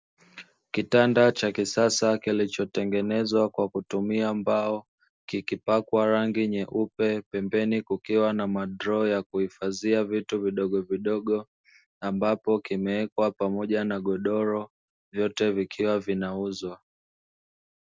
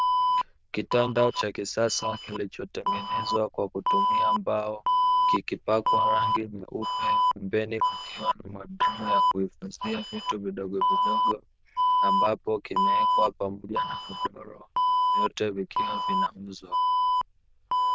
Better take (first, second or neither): first